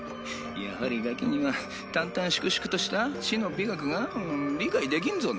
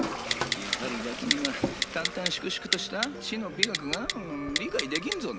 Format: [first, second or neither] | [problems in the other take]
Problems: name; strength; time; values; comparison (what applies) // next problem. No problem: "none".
first | background sound (Typing + Toilet flush); 1 dB above the speech